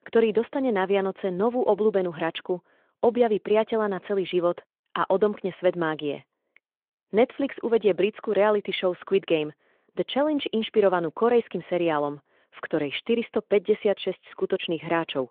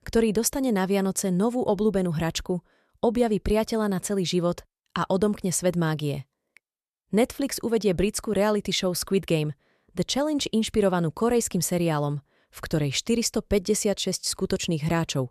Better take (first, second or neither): second